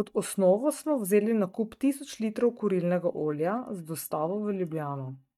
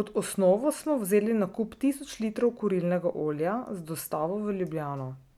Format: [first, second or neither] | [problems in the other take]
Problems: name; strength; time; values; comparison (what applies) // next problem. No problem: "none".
second | noise reduction (neural mask model DeepFilterNet 3)